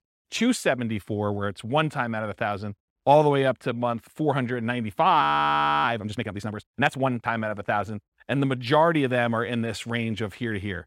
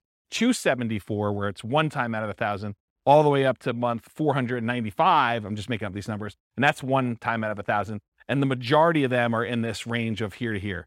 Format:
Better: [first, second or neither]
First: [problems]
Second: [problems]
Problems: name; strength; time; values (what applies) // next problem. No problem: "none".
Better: second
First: audio freezing; at 5 s for 0.5 s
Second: none